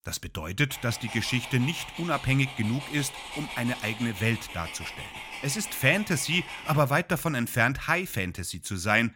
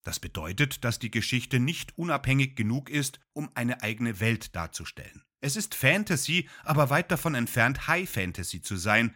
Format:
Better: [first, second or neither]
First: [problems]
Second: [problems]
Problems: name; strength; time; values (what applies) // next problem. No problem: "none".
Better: second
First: dog barking; noticeable; from 0.5 to 7 s; peak 9 dB below the speech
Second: none